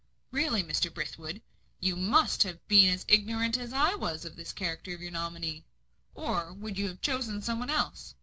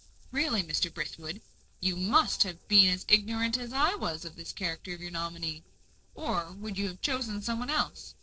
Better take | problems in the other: first | noise reduction (neural separator model SepFormer DNS4)

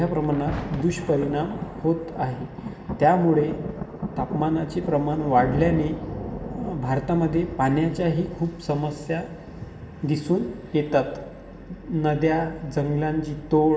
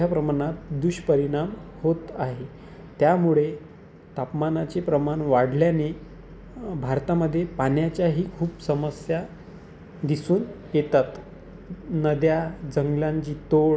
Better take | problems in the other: second | background sound (Thunder); 12 dB below the speech // room echo; dies away in 2.7 s

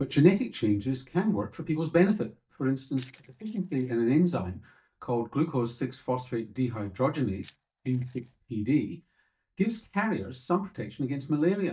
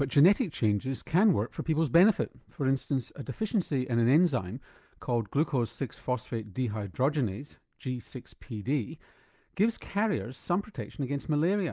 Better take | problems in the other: second | noise reduction (neural mask model DeepFilterNet 3)

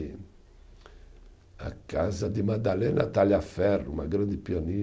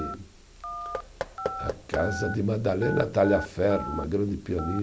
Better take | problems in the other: first | background sound (Telephone + Knock / Wood); 9 dB below the speech

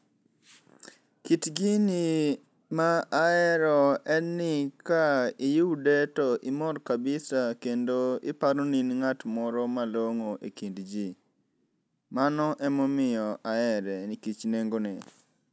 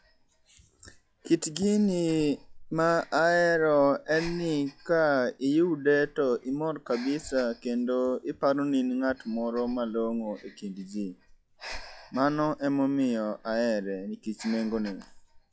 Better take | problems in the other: first | noise reduction (classical method log-MMSE)

